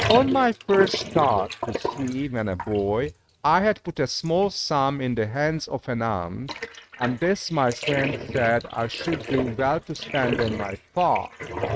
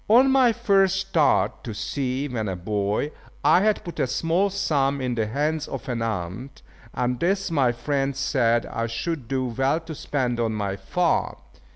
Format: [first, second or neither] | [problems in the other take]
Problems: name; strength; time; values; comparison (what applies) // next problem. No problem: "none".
second | noise reduction (neural mask model RNNoise)